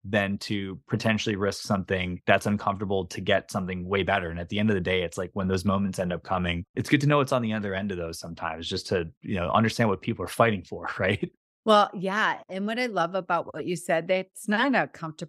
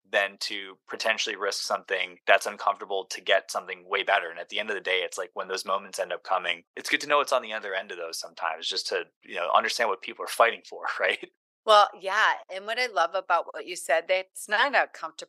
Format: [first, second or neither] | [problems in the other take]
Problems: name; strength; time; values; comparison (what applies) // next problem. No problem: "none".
first | thin; very; fading below 550 Hz